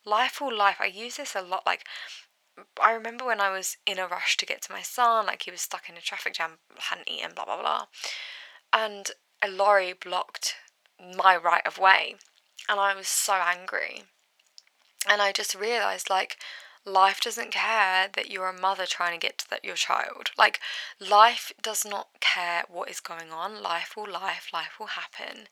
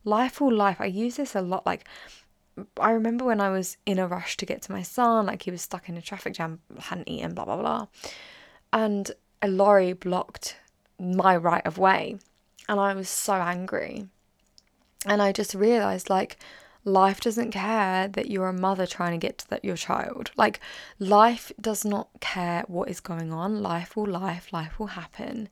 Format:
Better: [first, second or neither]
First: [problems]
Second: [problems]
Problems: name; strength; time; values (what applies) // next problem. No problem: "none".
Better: second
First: thin; very; fading below 800 Hz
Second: none